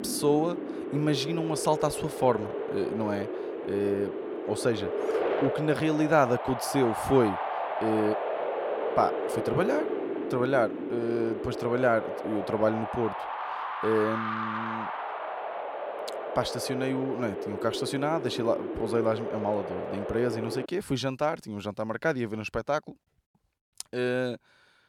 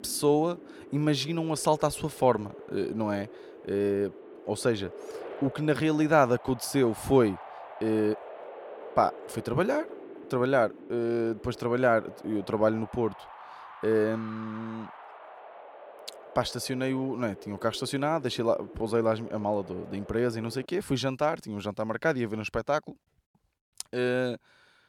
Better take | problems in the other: second | wind noise on the microphone; heavy; until 21 s; 3 dB below the speech; occasional gusts in the second

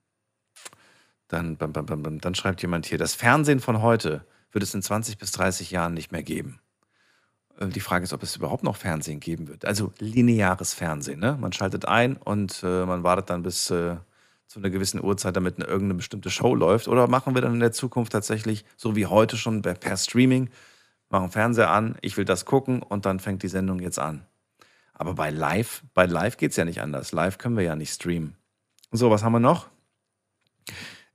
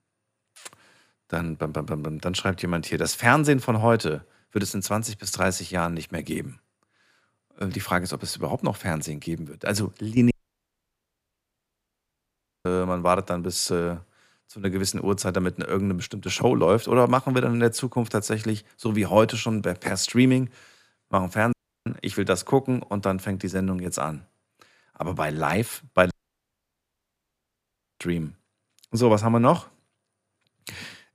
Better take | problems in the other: first | audio cutting out; at 10 s for 2.5 s, at 22 s and at 26 s for 2 s

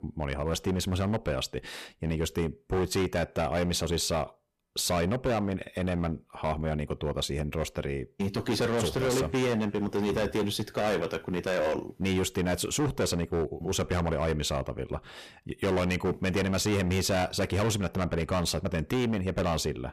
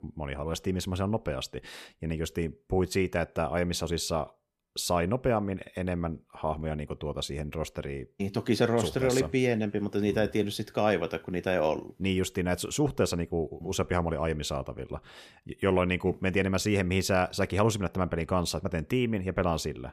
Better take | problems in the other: second | distortion; heavy; 15% of the sound clipped

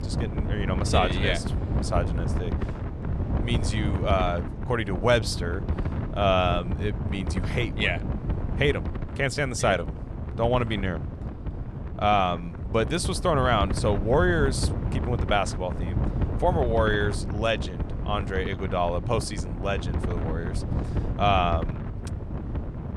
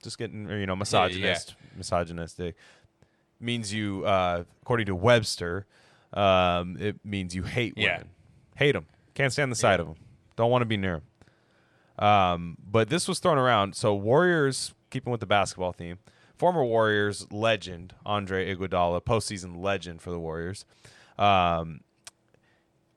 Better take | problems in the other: second | wind noise on the microphone; occasional gusts; 10 dB below the speech

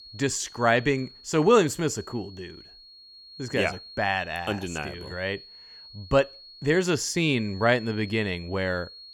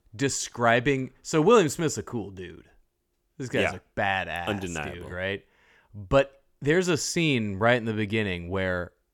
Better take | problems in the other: second | high-pitched whine; noticeable; throughout; 4.5 kHz, 20 dB below the speech

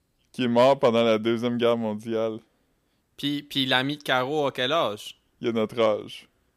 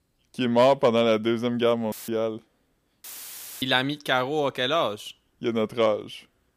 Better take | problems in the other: first | audio cutting out; filled with static; at 2 s and at 3 s for 0.5 s

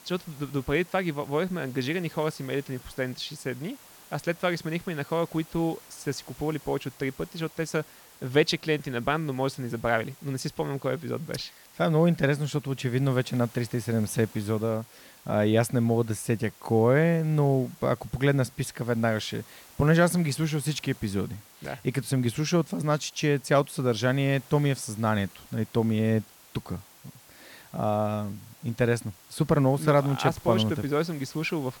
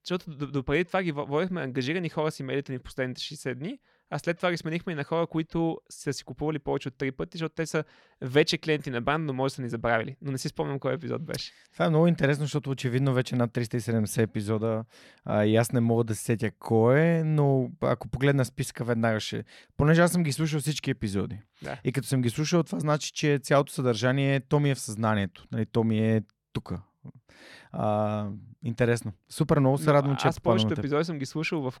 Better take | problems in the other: second | hiss; faint; throughout; 20 dB below the speech

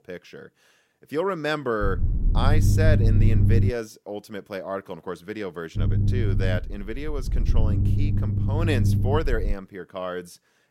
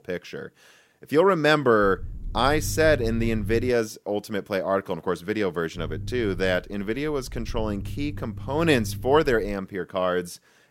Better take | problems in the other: second | low rumble; loud; from 2 to 3.5 s and from 6 to 9.5 s; 6 dB below the speech; faint in the second

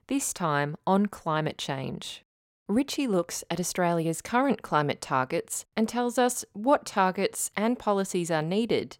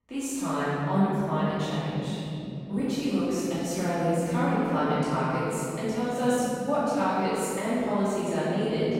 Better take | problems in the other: first | room echo; strong; dies away in 3 s // off-mic speech; far

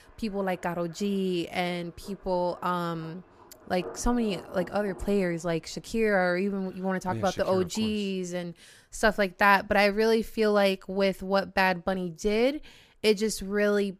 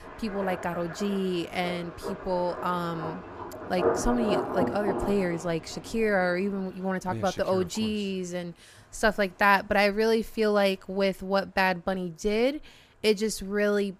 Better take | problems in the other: first | rain or running water; loud; throughout; 7 dB below the speech; faint in the first

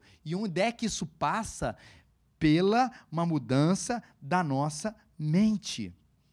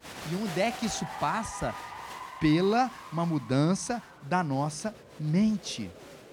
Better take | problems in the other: first | crowd noise; noticeable; throughout; 15 dB below the speech

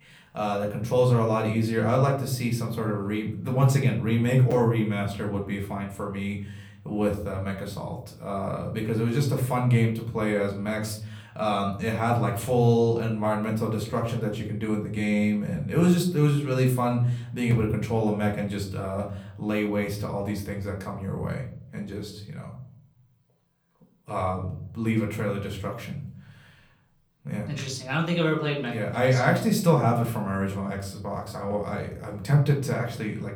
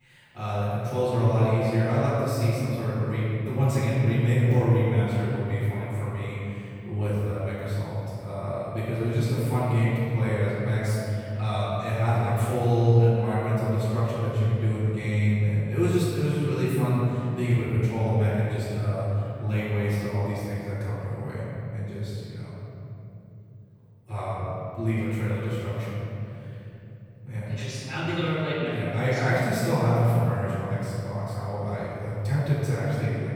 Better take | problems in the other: first | room echo; strong; dies away in 3 s; slight in the first // off-mic speech; far; far in the first

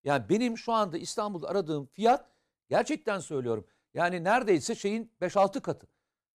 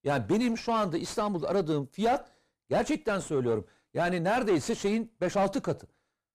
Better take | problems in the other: first | distortion; heavy; 7 dB below the speech

